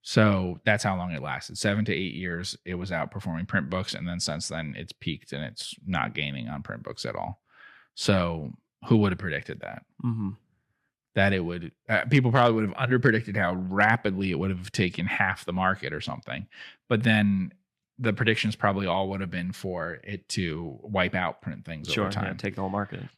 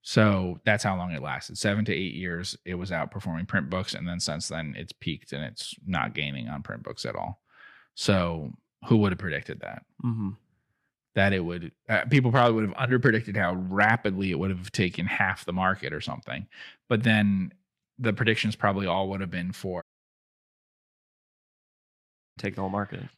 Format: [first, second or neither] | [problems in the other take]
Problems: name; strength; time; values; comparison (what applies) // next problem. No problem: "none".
first | audio cutting out; at 20 s for 2.5 s